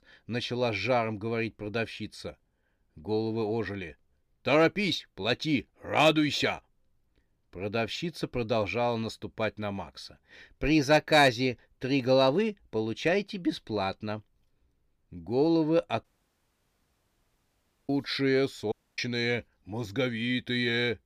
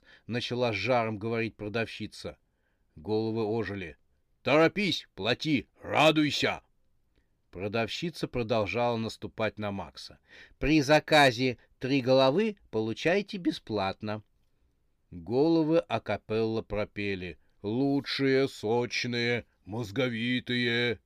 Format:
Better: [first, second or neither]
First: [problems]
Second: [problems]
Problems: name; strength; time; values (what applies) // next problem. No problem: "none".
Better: second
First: audio cutting out; at 16 s for 2 s and at 19 s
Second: none